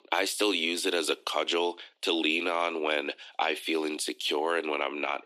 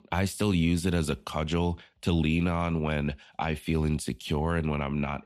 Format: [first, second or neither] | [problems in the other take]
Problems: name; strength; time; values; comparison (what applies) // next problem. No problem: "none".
second | thin; very; fading below 300 Hz